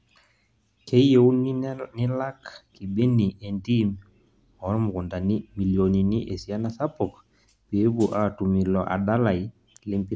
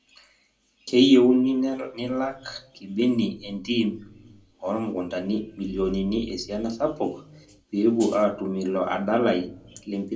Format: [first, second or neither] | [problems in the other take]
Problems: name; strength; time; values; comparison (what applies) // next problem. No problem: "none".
first | room echo; dies away in 0.2 s